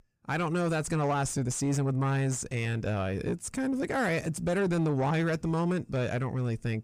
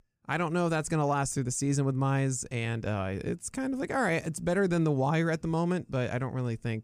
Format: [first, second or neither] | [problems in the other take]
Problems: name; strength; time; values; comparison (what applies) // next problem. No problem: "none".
second | distortion; slight; 10 dB below the speech